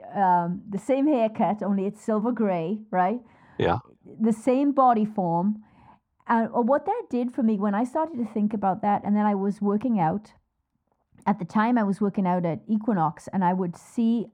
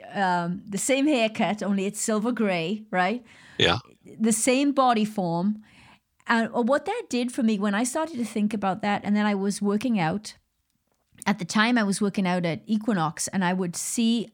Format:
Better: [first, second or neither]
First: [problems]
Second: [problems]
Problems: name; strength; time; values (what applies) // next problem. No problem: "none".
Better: second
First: muffled; very; fading above 2 kHz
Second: none